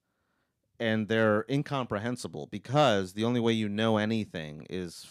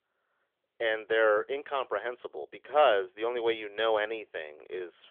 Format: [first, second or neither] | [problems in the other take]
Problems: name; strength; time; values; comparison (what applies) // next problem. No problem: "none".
first | phone-call audio; nothing above 3.5 kHz